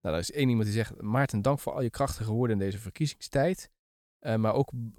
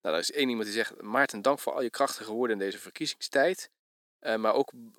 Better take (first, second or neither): first